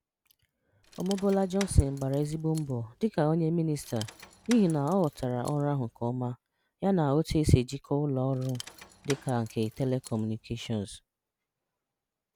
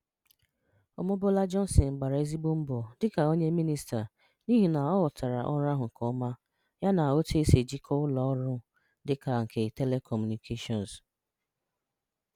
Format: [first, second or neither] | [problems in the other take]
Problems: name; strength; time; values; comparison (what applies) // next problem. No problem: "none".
second | background sound (Rattle / Keys jangling); 18 dB below the speech